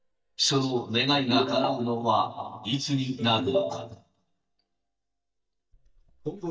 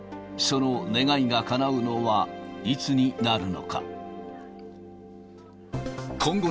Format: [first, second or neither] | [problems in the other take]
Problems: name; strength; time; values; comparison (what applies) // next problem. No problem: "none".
second | noise reduction (neural mask model DeepFilterNet 3)